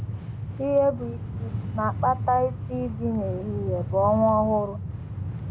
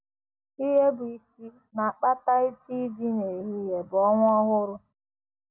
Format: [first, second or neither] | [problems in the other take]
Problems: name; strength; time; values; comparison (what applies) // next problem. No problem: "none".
second | background sound (Train); 5 dB below the speech